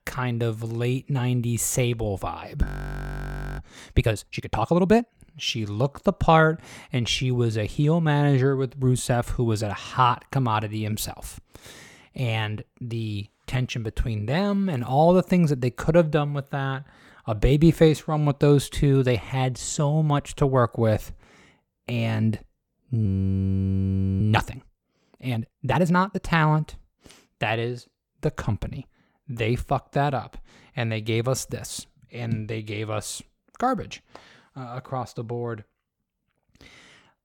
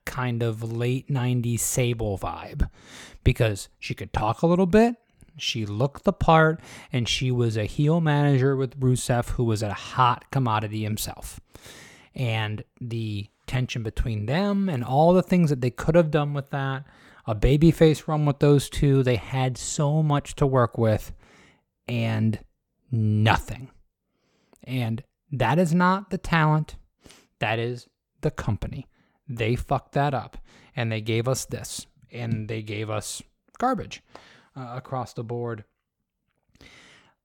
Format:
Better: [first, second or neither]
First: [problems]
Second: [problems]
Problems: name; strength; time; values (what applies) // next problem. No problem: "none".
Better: second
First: audio freezing; at 2.5 s for 1 s and at 23 s for 1 s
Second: none